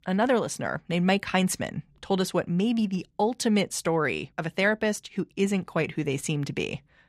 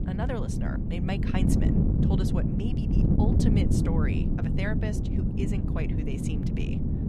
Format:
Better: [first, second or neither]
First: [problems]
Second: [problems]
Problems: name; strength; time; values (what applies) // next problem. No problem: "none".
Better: first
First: none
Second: wind noise on the microphone; heavy; 3 dB above the speech